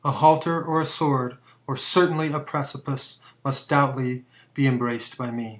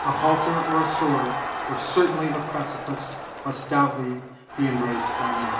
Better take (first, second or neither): first